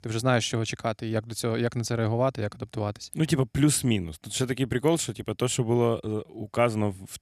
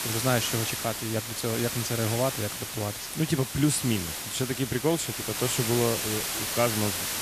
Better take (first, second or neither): first